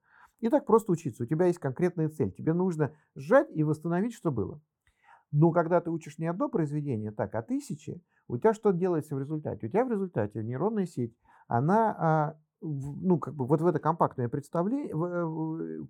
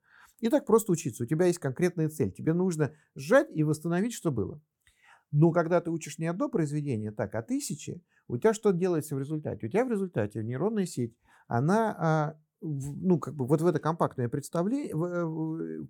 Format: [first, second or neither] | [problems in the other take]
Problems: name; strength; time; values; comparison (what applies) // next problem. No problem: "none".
second | muffled; slightly; fading above 2 kHz